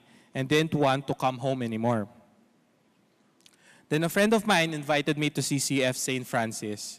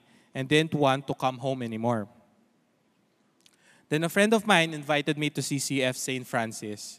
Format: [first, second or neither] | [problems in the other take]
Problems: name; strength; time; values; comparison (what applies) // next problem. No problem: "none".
second | distortion; slight; 10 dB below the speech